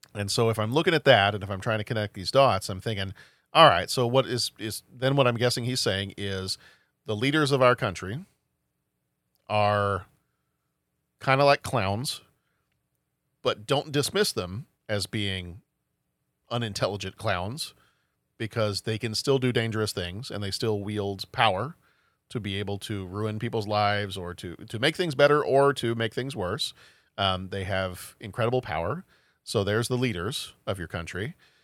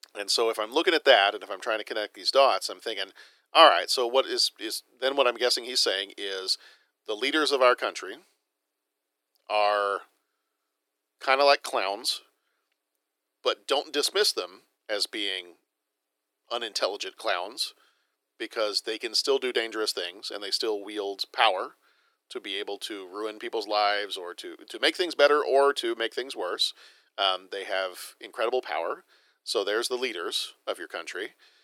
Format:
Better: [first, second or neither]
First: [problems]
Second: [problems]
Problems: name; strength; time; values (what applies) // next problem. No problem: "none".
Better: first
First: none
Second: thin; very; fading below 350 Hz